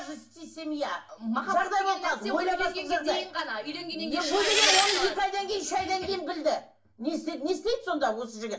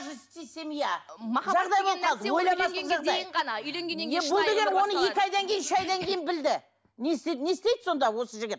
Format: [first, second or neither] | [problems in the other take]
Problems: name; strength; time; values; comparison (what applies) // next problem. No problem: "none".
second | background sound (Engine); 3 dB above the speech // room echo; dies away in 0.3 s